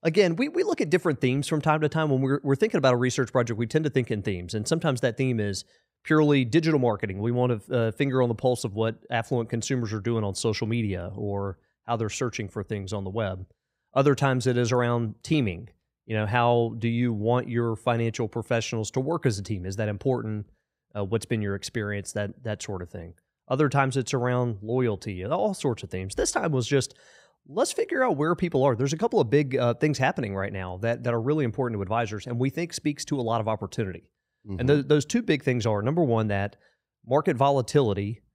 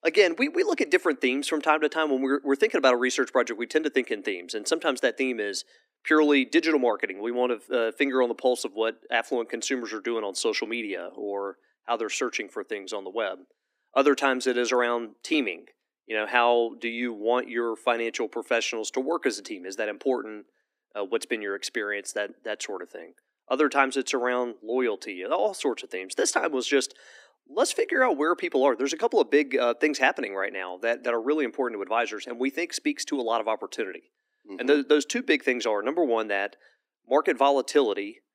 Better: first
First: none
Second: thin; somewhat; fading below 250 Hz

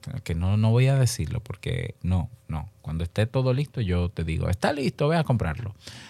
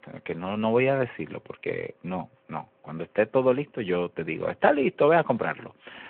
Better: first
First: none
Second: phone-call audio

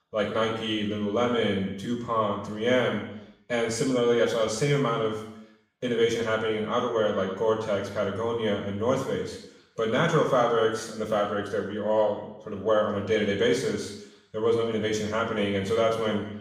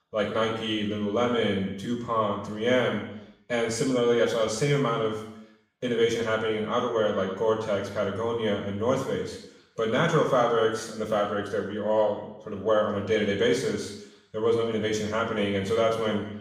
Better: neither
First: room echo; noticeable; dies away in 0.7 s // off-mic speech; far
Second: room echo; noticeable; dies away in 0.7 s // off-mic speech; far

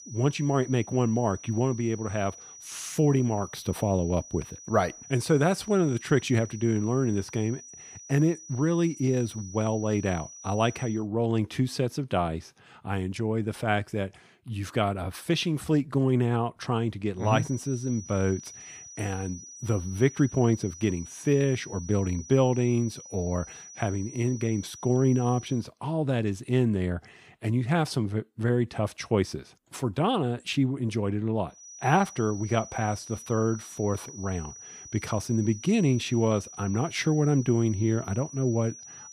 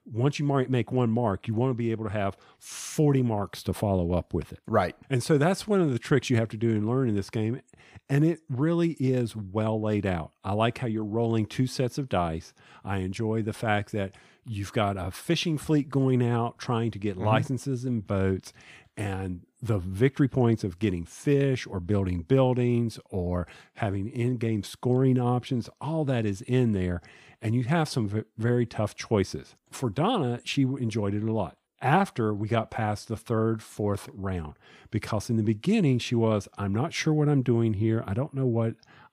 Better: second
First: high-pitched whine; noticeable; until 11 s, from 17 to 26 s and from 32 s on; 6 kHz, 15 dB below the speech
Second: none

